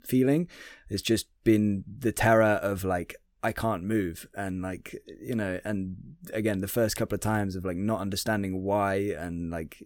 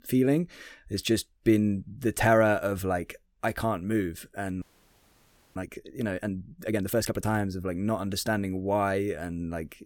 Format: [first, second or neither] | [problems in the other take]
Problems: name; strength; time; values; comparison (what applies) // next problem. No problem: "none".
first | audio freezing; at 4.5 s for 1 s